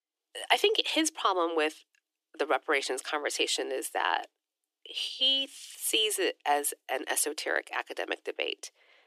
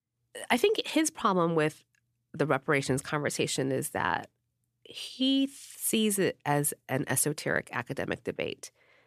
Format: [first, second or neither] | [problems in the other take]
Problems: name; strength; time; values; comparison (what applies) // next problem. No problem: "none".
second | thin; very; fading below 300 Hz